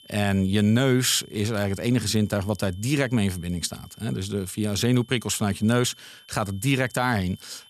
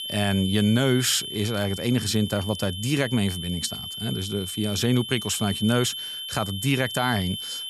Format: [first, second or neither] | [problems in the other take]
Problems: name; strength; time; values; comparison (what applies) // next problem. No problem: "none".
first | high-pitched whine; loud; throughout; 3 kHz, 7 dB below the speech; faint in the first